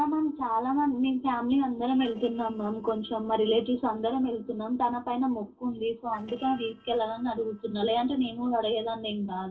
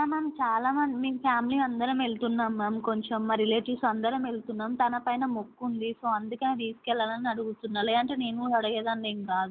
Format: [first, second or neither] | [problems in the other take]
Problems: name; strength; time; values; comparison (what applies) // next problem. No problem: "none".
second | noise reduction (neural separator model SepFormer DNS4)